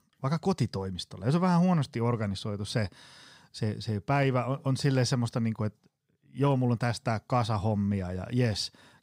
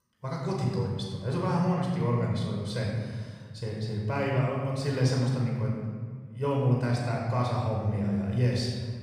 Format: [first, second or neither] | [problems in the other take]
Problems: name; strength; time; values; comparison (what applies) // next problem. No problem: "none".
first | off-mic speech; somewhat distant // room echo; noticeable; dies away in 1.5 s